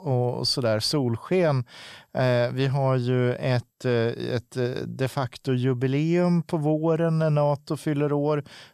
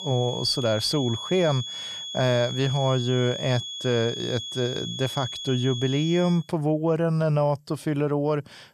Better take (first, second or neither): first